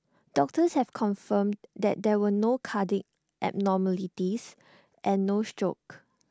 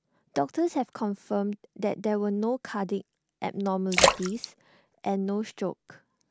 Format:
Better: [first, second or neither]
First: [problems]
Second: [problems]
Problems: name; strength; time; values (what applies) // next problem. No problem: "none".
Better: first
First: none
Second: background sound (Splash, splatter); 2 dB above the speech